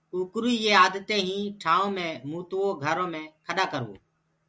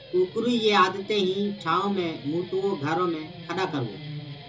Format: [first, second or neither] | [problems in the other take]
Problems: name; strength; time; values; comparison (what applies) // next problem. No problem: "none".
first | background sound (Guitar); 16 dB below the speech // room echo; dies away in 0.2 s